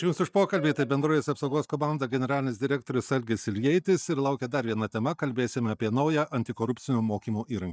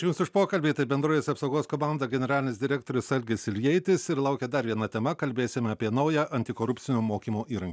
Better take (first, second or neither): second